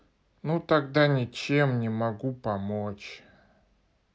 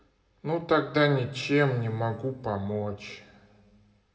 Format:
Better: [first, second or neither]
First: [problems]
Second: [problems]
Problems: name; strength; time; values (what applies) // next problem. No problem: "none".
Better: first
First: none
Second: room echo; dies away in 2.6 s